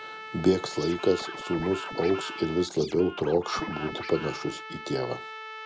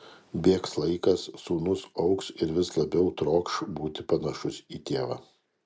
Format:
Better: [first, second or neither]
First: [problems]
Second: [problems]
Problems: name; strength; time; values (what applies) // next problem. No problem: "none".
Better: second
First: background sound (Scratching (performance technique) + Trumpet); 10 dB below the speech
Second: none